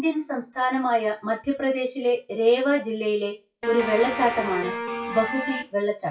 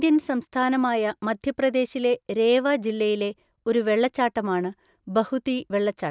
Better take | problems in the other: second | noise reduction (classical method WPE with log-MMSE)

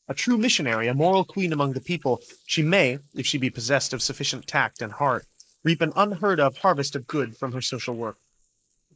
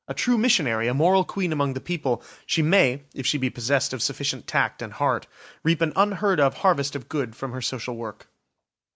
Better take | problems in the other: second | noise reduction (neural mask model Resemble Enhance denoiser)

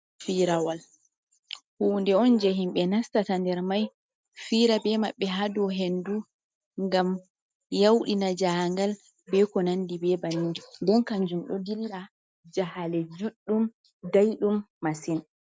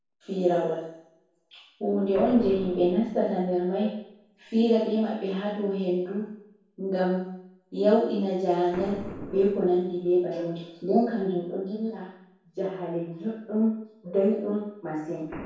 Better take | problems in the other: first | background sound (Boom); 19 dB below the speech // room echo; dies away in 0.7 s

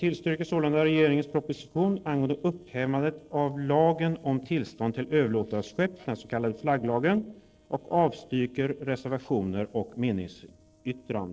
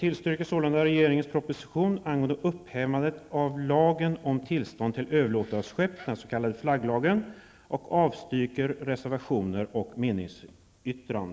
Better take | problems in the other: second | noise reduction (neural separator model SepFormer DNS4)

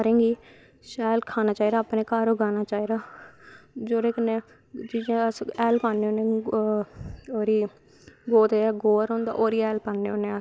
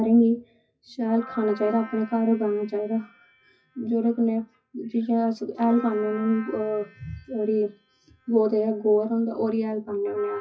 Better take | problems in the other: first | noise reduction (classical method WPE with log-MMSE)

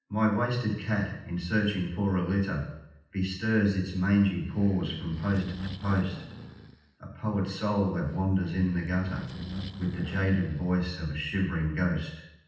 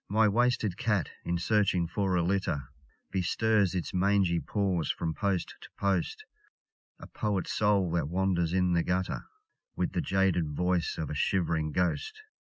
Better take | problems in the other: second | noise reduction (neural separator model SepFormer DNS4)

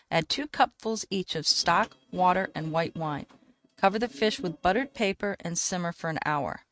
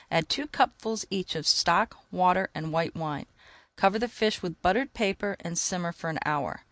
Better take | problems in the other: second | noise reduction (neural mask model RNNoise)

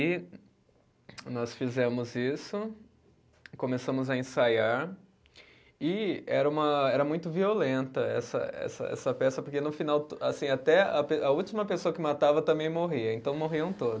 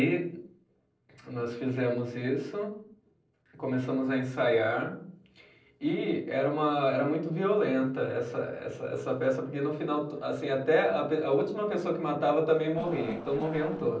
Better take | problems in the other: first | noise reduction (neural separator model SepFormer DNS4)

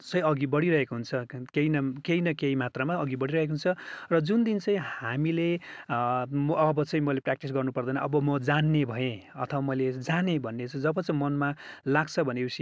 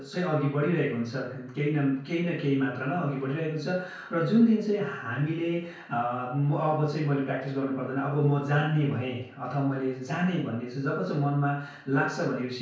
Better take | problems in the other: first | room echo; dies away in 0.5 s

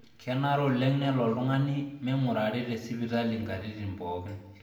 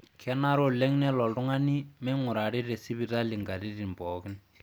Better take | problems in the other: second | room echo; dies away in 0.8 s

